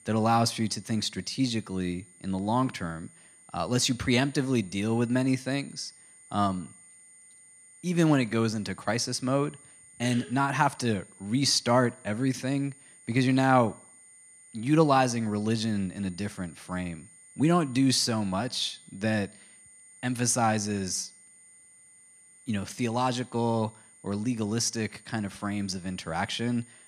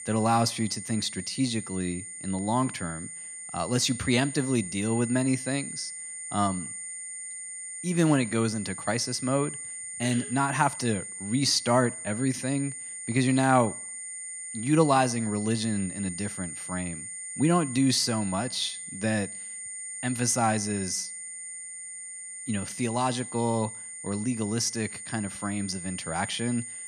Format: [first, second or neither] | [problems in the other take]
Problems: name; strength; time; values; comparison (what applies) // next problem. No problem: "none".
first | high-pitched whine; loud; throughout; 9 kHz, 8 dB below the speech; faint in the first